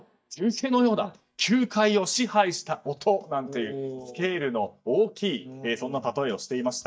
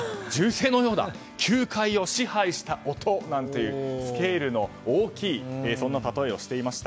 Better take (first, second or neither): second